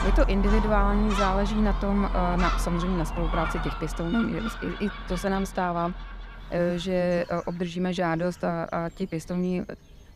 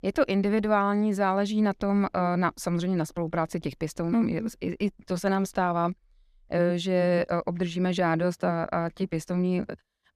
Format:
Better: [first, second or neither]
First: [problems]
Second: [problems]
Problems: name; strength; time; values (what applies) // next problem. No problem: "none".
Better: second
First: animal sounds; loud; throughout; 4 dB below the speech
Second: none